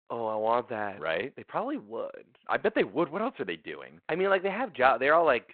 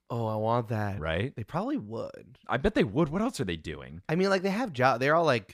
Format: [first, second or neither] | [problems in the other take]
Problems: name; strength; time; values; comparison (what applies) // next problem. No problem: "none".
second | phone-call audio; nothing above 4 kHz